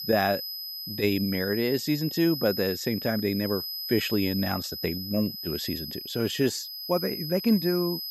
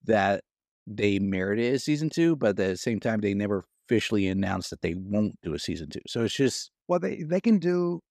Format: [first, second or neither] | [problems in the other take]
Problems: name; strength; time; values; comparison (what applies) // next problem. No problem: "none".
second | high-pitched whine; loud; throughout; 5 kHz, 6 dB below the speech